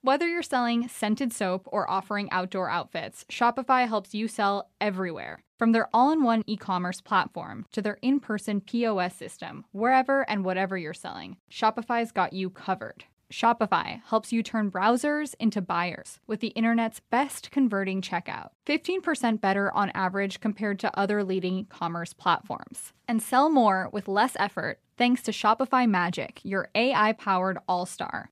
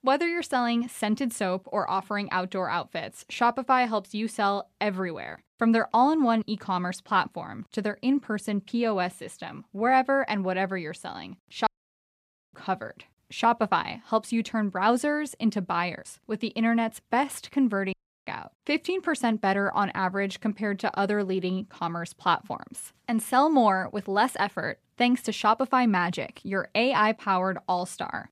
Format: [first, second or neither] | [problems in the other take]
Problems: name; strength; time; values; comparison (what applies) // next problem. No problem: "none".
first | audio cutting out; at 12 s for 1 s and at 18 s